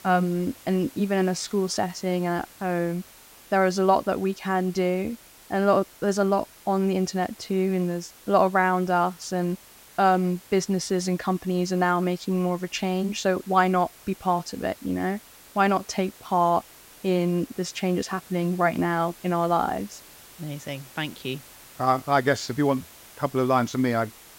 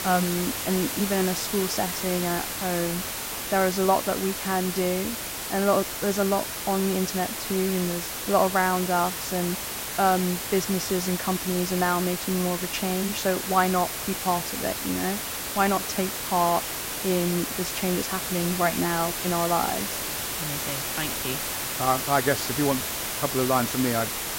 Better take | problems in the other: first | hiss; loud; throughout; 2 dB below the speech; faint in the first

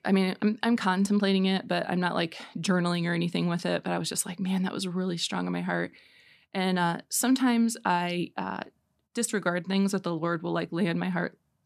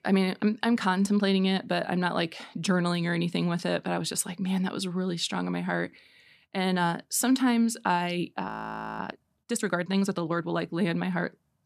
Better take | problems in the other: first | audio freezing; at 8.5 s for 0.5 s

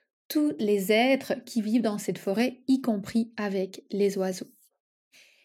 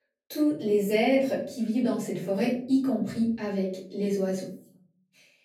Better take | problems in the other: first | off-mic speech; far // room echo; noticeable; dies away in 0.8 s

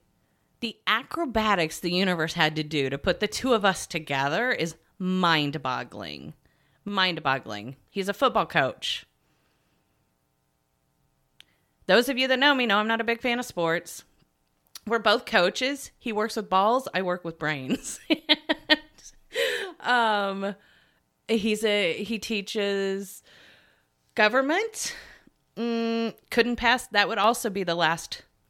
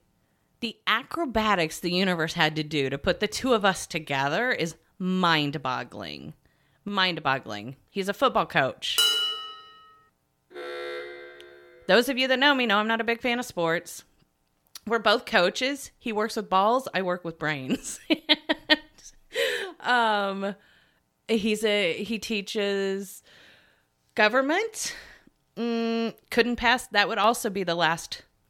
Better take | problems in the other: first | clattering dishes; loud; at 9 s; peak 5 dB above the speech // alarm; noticeable; from 11 to 12 s; peak 9 dB below the speech

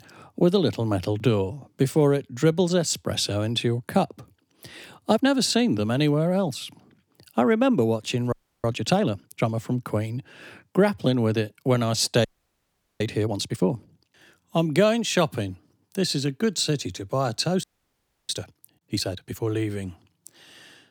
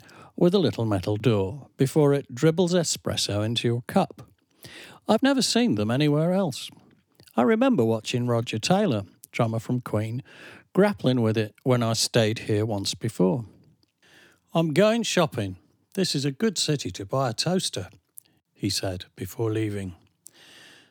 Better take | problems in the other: second | audio freezing; at 8.5 s, at 12 s for 1 s and at 18 s for 0.5 s

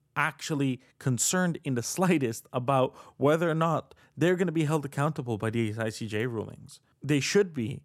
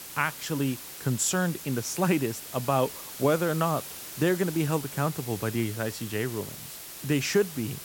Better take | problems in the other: first | hiss; noticeable; throughout; 10 dB below the speech

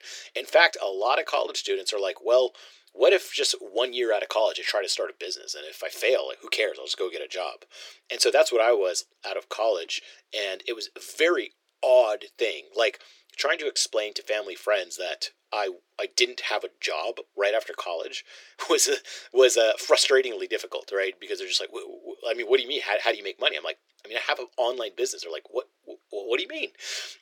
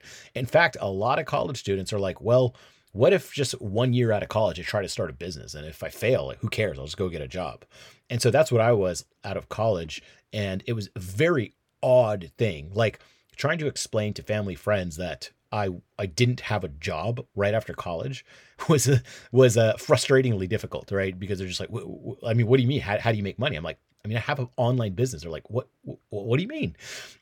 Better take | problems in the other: second | thin; very; fading below 350 Hz

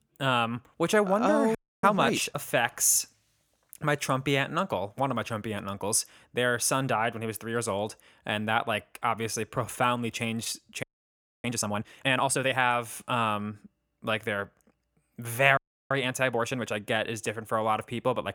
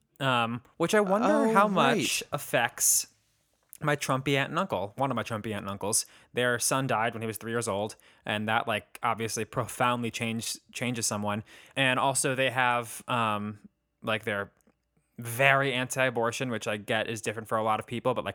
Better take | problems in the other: second | audio freezing; at 1.5 s, at 11 s for 0.5 s and at 16 s

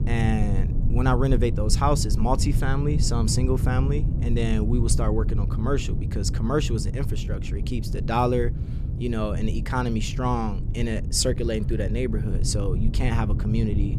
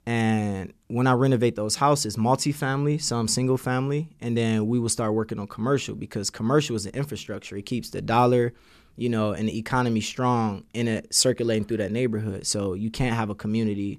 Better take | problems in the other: second | low rumble; noticeable; throughout; 10 dB below the speech

